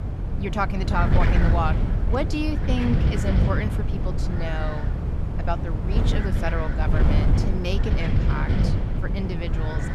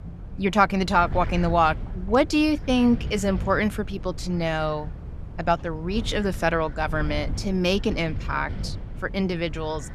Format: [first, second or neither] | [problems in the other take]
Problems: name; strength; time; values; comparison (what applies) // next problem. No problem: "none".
second | wind noise on the microphone; heavy; 3 dB below the speech; occasional gusts in the second